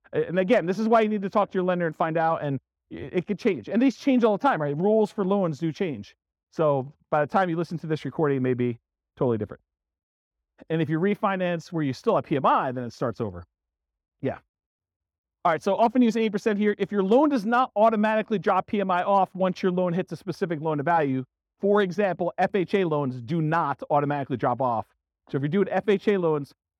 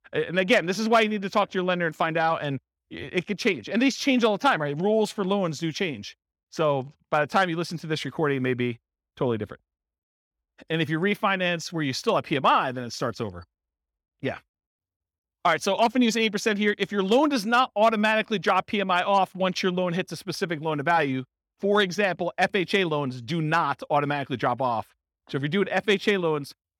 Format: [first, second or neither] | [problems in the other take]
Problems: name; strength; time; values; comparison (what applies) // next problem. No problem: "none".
second | muffled; slightly; fading above 1.5 kHz